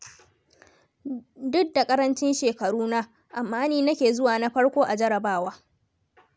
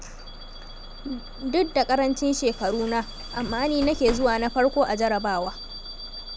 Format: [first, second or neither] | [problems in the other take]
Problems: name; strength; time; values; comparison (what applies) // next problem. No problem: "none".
first | background sound (Bus / Alarm); 11 dB below the speech